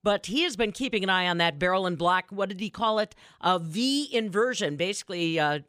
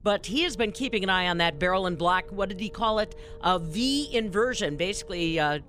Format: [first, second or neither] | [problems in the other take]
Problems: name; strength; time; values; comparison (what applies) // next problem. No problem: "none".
first | low rumble; faint; throughout; 20 dB below the speech